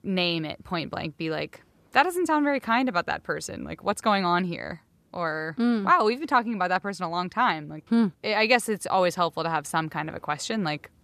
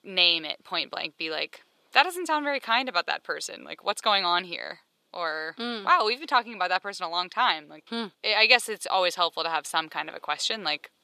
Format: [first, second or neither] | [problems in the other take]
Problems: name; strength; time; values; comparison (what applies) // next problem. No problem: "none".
first | thin; somewhat; fading below 450 Hz